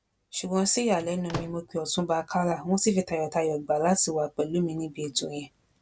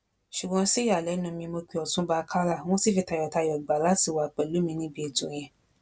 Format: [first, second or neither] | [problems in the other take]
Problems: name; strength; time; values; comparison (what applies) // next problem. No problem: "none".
second | background sound (Slam / Microwave oven); 11 dB below the speech